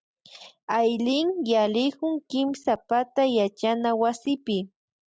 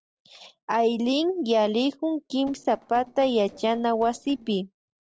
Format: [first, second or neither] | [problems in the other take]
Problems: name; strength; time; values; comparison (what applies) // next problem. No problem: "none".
first | noise reduction (neural separator model SepFormer DNS4)